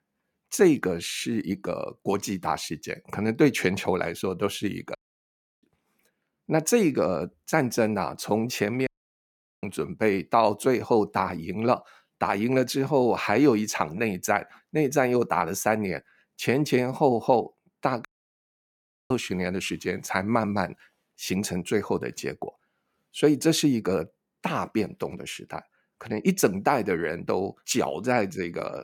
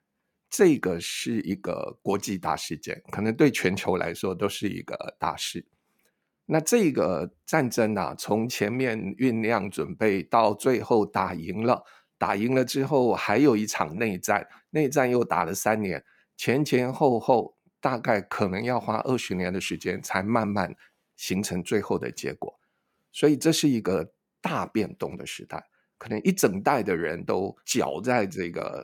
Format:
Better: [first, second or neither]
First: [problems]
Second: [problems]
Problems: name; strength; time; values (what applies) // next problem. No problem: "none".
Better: second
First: audio cutting out; at 5 s for 0.5 s, at 9 s for 1 s and at 18 s for 1 s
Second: none